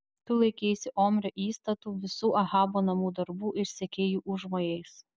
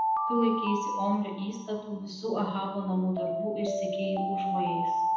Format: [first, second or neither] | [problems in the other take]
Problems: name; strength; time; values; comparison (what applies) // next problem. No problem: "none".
first | background sound (Alarm); as loud as the speech // room echo; dies away in 0.9 s